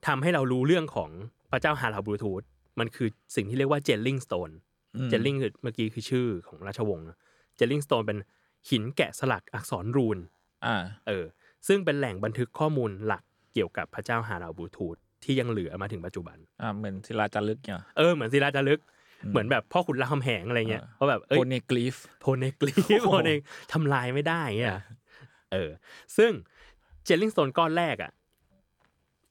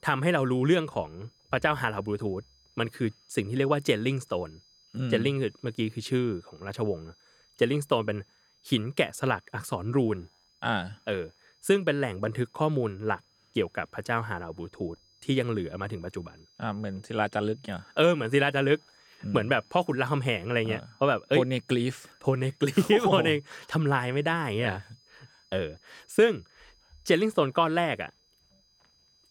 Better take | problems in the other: first | high-pitched whine; faint; throughout; 5 kHz, 30 dB below the speech

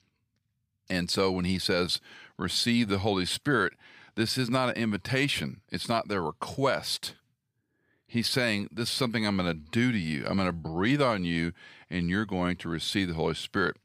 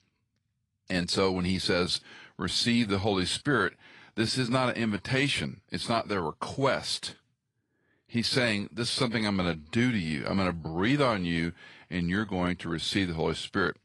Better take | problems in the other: first | garbled, watery; slightly; nothing above 10.5 kHz

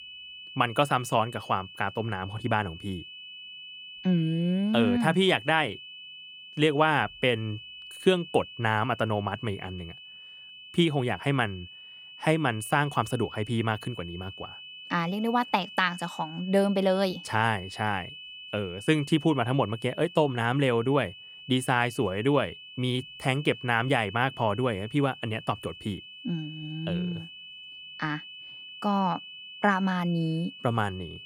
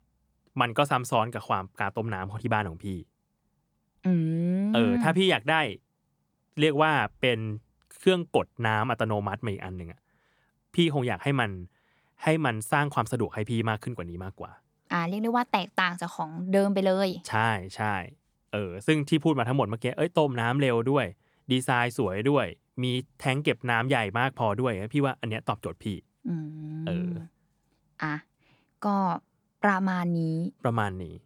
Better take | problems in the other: second | high-pitched whine; noticeable; throughout; 3 kHz, 15 dB below the speech

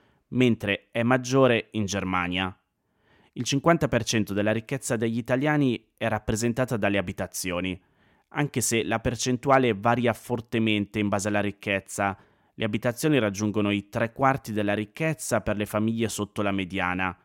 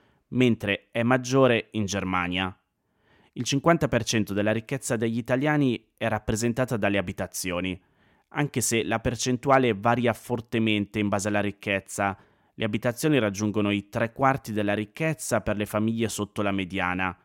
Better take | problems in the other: neither | none

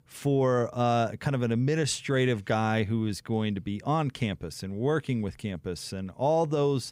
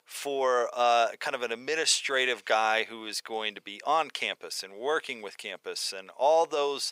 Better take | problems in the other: first | thin; very; fading below 550 Hz

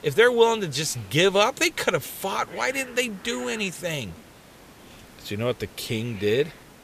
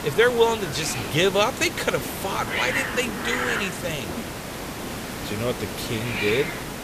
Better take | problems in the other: first | hiss; loud; throughout; 4 dB below the speech; faint in the first

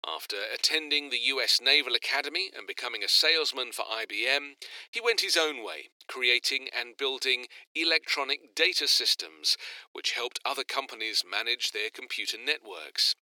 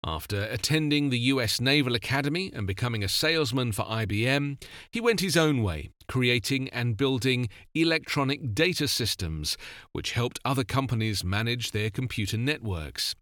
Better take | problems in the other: second | thin; very; fading below 350 Hz

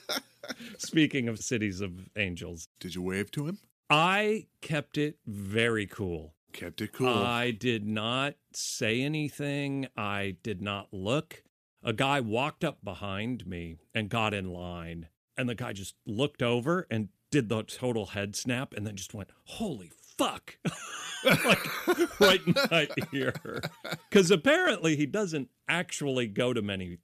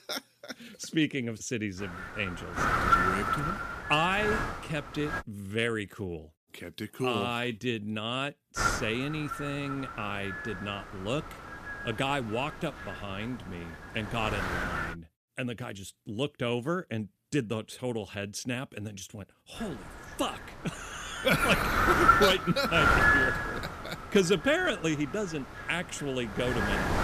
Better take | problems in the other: first | wind noise on the microphone; heavy; from 2 to 5 s, from 8.5 to 15 s and from 20 s on; 5 dB above the speech

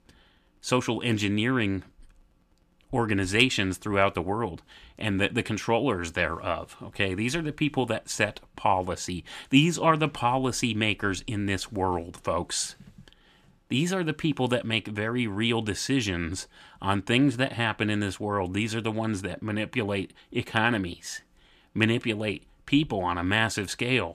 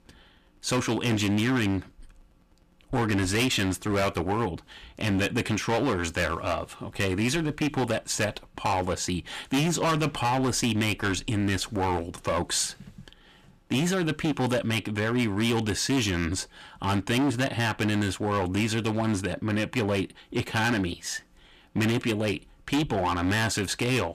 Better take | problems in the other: first | distortion; heavy; 14% of the sound clipped

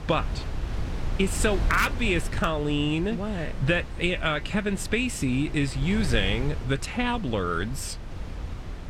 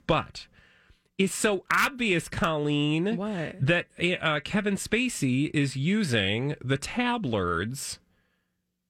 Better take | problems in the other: second | wind noise on the microphone; occasional gusts; 15 dB below the speech

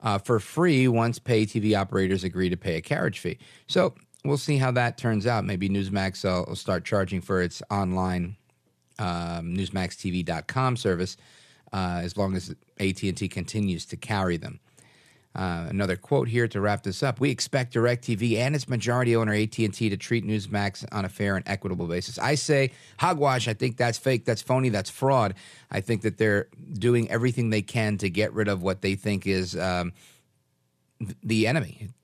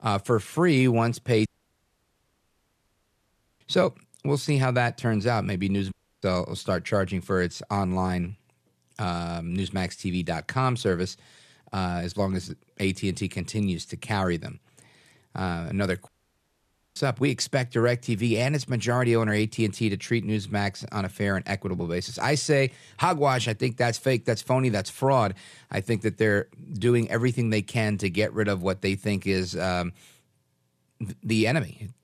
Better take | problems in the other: first | audio cutting out; at 1.5 s for 2 s, at 6 s and at 16 s for 1 s

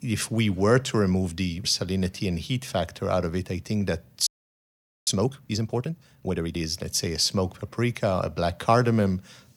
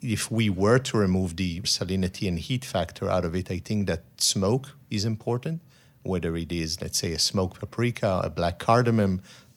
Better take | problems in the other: second | audio freezing; at 4.5 s for 1 s

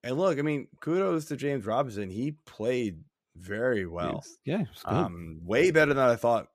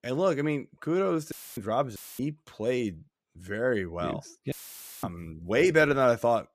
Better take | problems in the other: first | audio cutting out; filled with static; at 1.5 s, at 2 s and at 4.5 s for 0.5 s

